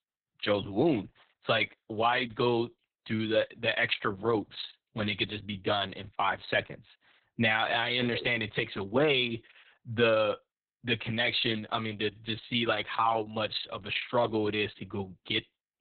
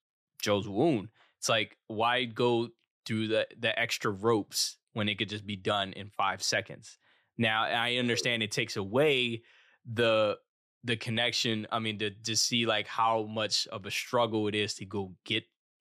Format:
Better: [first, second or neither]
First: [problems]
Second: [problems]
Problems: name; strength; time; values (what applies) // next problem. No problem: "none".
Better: second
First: garbled, watery; badly; nothing above 4 kHz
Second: none